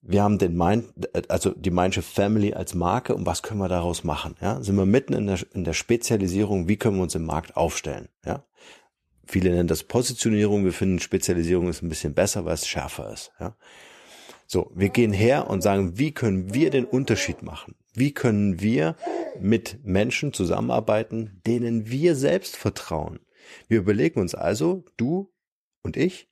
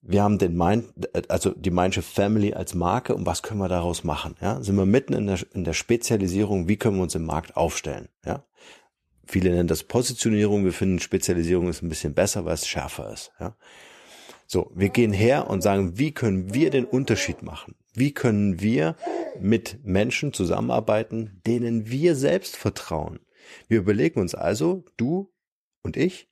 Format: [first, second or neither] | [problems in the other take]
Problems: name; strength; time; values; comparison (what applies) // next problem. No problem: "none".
neither | none